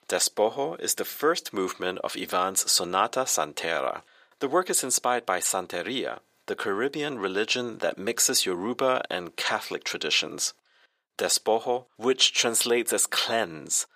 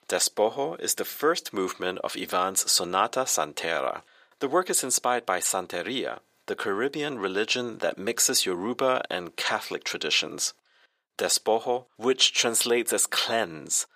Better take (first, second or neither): neither